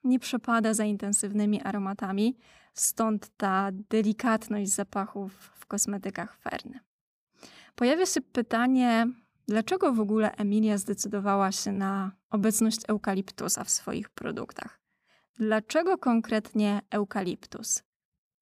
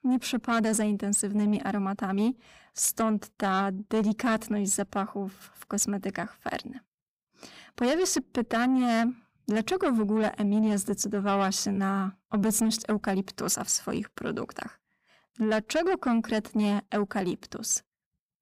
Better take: first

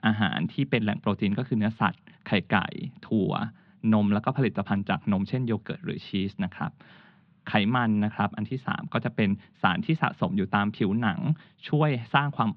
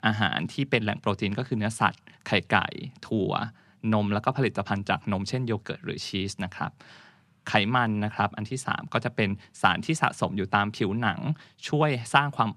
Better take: second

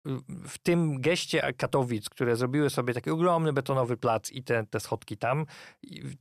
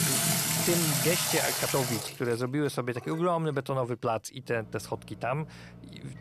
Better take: first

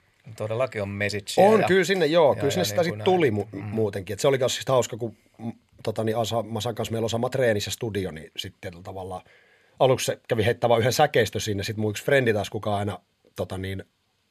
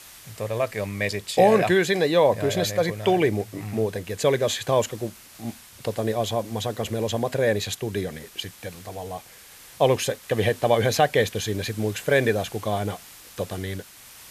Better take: first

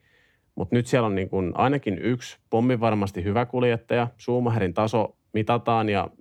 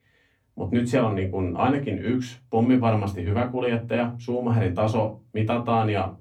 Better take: first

